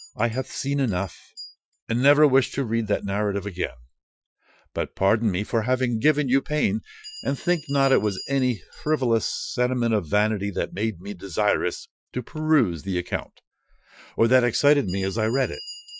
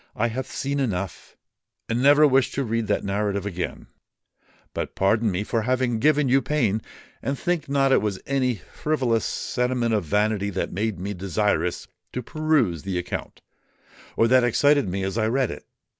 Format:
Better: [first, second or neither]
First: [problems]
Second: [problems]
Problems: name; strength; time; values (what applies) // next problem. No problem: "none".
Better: second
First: noise reduction (classical method Wiener filter)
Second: none